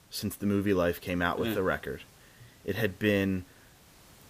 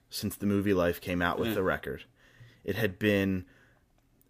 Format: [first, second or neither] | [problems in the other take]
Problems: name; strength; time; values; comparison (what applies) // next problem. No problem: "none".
second | hiss; faint; throughout; 25 dB below the speech